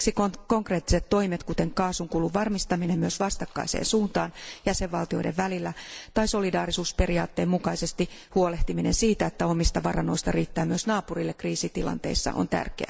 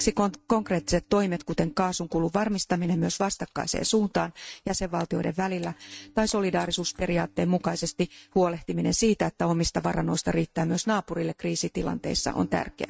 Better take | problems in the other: first | noise reduction (neural mask model RNNoise)

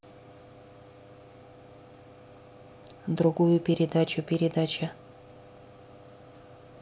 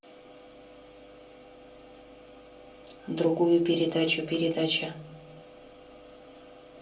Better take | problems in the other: first | room echo; dies away in 0.3 s

